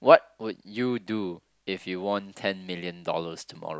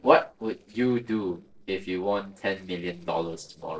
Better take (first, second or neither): first